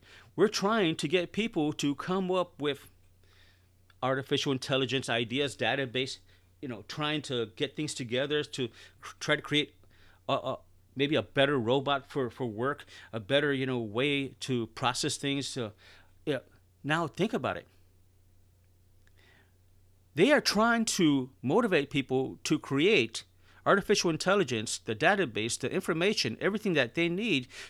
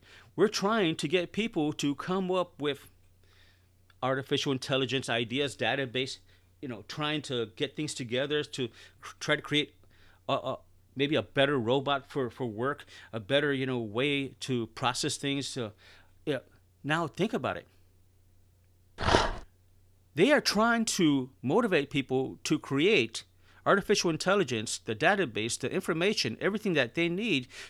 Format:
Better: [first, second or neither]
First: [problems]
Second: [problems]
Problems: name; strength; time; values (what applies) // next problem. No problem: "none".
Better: first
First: none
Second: dog barking; loud; at 19 s; peak 3 dB above the speech